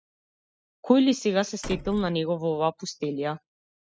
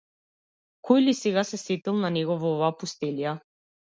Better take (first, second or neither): second